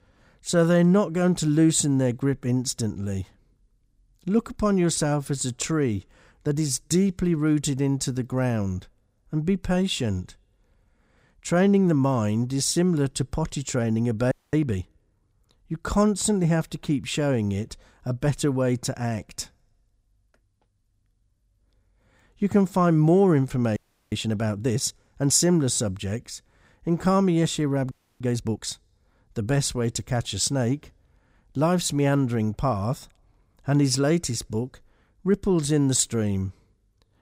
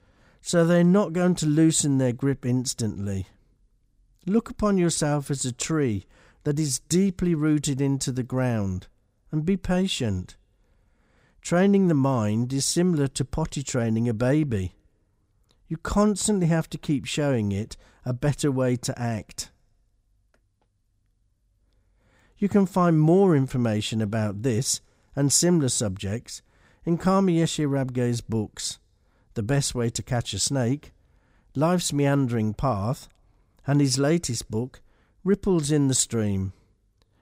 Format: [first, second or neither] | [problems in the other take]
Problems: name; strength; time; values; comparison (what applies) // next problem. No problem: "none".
second | audio freezing; at 14 s, at 24 s and at 28 s